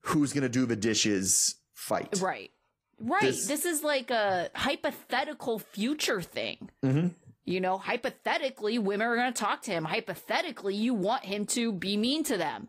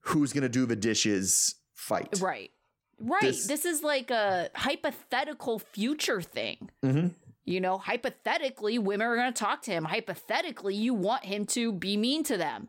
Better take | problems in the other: second | garbled, watery; slightly; nothing above 14.5 kHz

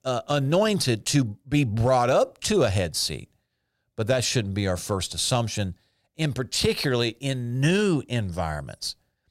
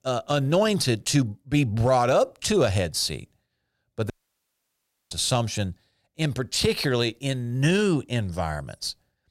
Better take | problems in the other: first | audio cutting out; at 4 s for 1 s

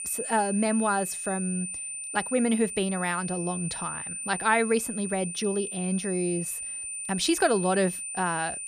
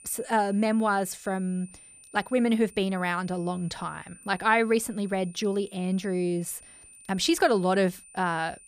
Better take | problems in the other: second | high-pitched whine; loud; throughout; 9 kHz, 5 dB below the speech; faint in the second

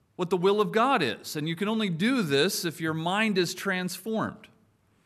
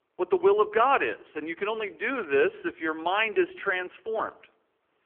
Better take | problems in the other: first | phone-call audio; poor line

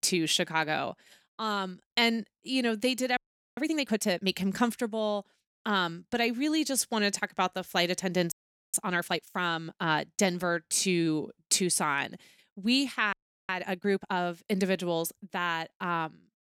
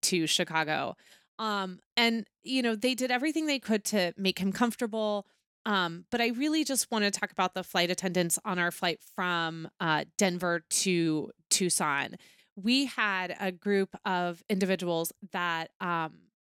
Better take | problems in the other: second | audio freezing; at 3 s, at 8.5 s and at 13 s

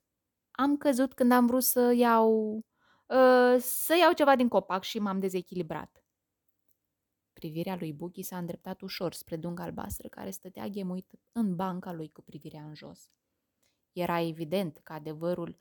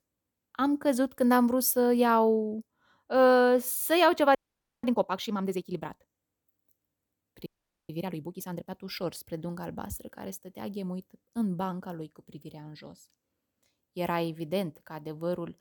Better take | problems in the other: first | audio freezing; at 4.5 s and at 7.5 s

